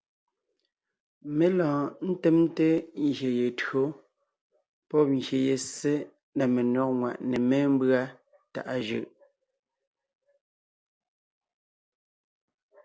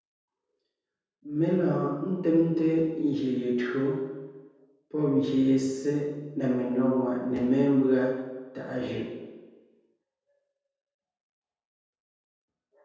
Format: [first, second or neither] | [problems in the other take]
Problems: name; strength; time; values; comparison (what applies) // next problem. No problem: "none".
first | room echo; dies away in 1.2 s